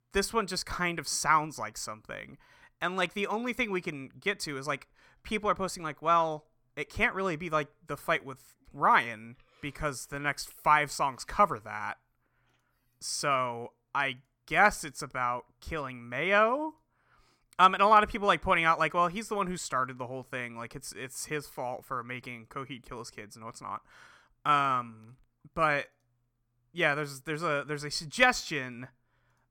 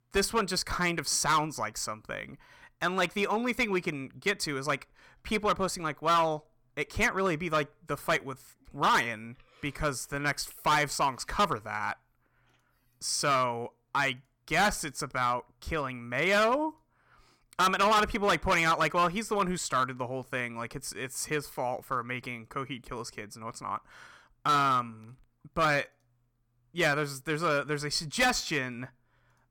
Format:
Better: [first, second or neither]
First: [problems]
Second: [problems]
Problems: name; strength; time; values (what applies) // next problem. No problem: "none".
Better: first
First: none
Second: distortion; heavy; 4% of the sound clipped